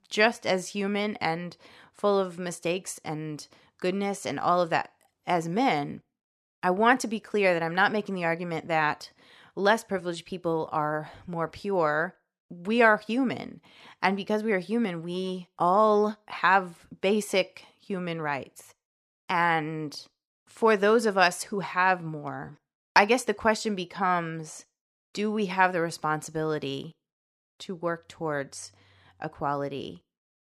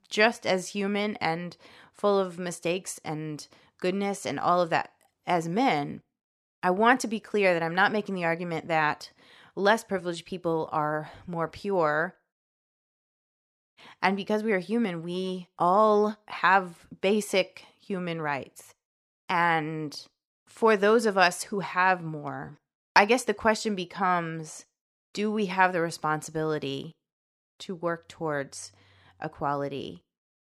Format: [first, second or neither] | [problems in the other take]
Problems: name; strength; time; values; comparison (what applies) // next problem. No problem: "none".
first | audio cutting out; at 12 s for 1.5 s